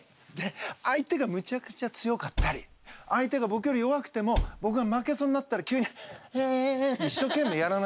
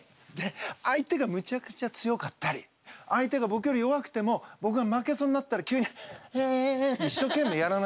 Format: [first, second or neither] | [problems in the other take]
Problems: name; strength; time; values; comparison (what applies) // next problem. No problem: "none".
second | background sound (Cupboard open or close); 4 dB below the speech